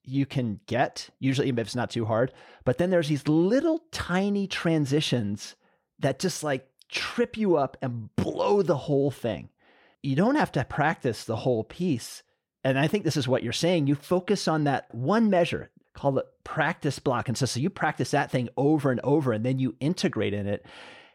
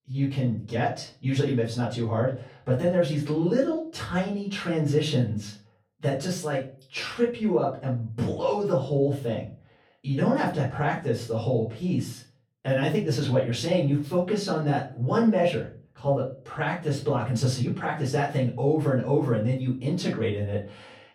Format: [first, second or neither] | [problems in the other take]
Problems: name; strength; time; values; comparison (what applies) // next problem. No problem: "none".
first | room echo; slight; dies away in 0.3 s // off-mic speech; far